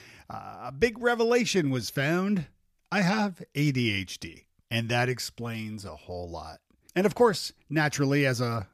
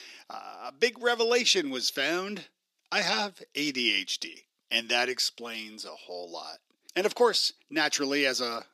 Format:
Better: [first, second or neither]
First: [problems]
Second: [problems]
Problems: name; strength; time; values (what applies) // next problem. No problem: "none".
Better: first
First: none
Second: thin; somewhat; fading below 300 Hz